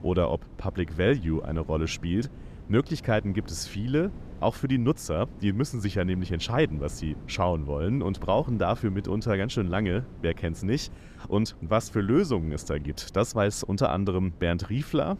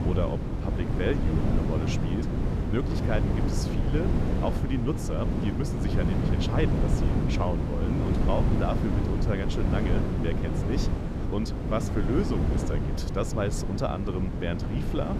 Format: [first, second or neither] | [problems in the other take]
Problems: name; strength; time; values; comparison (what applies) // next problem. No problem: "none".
first | wind noise on the microphone; heavy; 1 dB below the speech; occasional gusts in the first